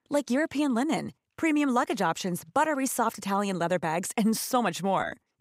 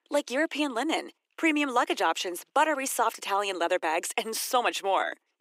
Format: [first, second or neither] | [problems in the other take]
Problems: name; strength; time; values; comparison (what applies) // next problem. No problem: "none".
first | thin; somewhat; fading below 300 Hz